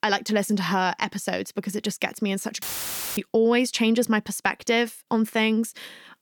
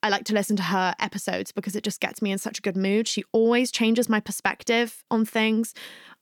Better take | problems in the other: second | audio cutting out; filled with static; at 2.5 s for 0.5 s

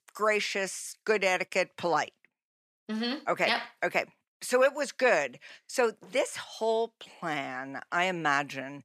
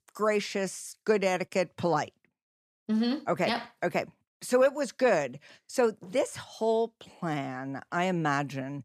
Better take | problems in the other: second | thin; very slightly; fading below 500 Hz

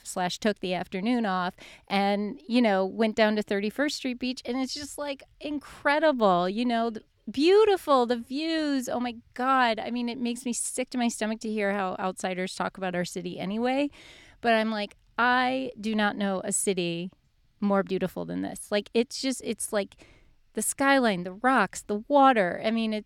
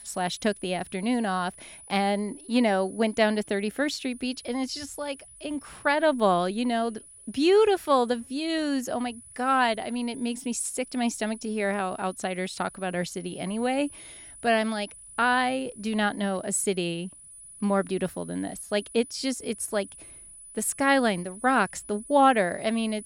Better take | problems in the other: first | high-pitched whine; noticeable; throughout; 10 kHz, 20 dB below the speech

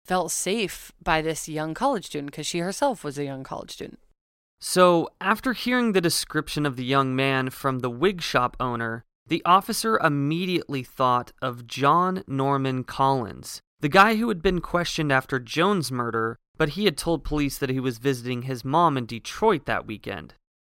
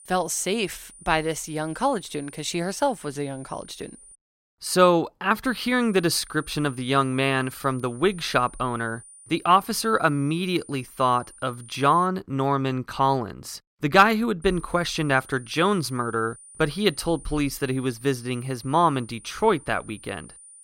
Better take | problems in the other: first | high-pitched whine; faint; until 4 s, from 5.5 to 12 s and from 14 s on; 9.5 kHz, 20 dB below the speech

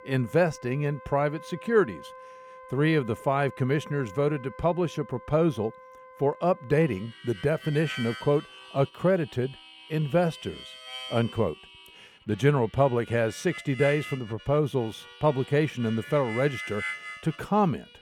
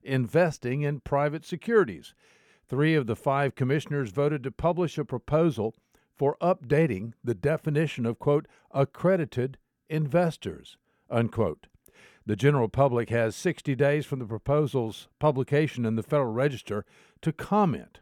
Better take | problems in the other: second | background music; noticeable; throughout; 15 dB below the speech

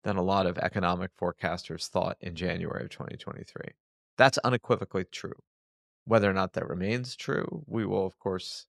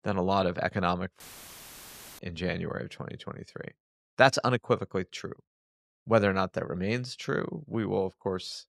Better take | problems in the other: first | audio cutting out; filled with static; at 1 s for 1 s

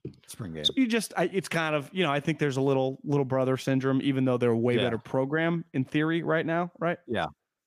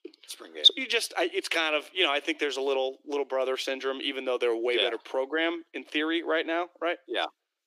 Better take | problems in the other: first | thin; very; fading below 300 Hz

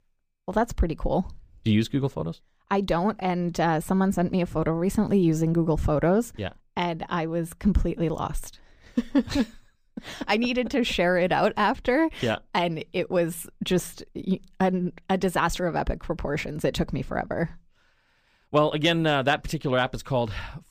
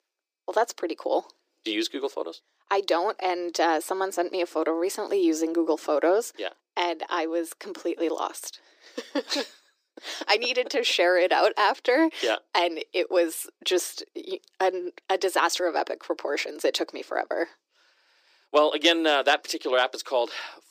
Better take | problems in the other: first | thin; very; fading below 300 Hz

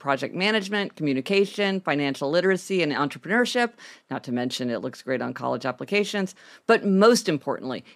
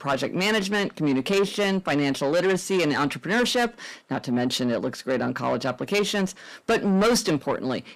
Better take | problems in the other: first | distortion; heavy; 7 dB below the speech

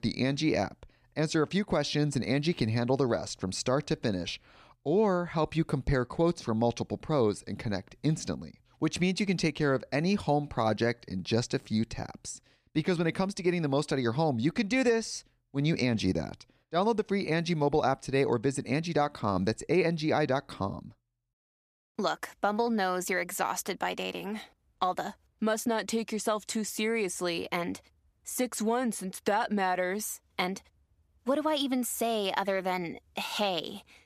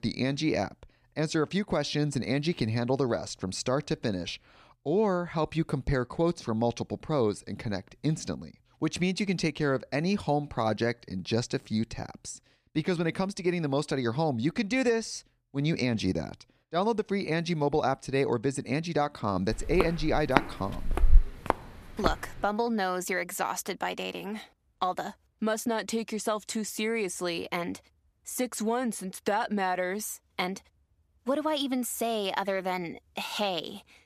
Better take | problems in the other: first | footsteps; loud; from 20 to 22 s; peak 4 dB above the speech

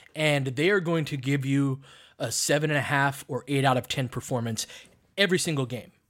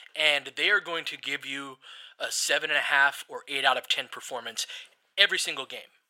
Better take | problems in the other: first | thin; very; fading below 700 Hz

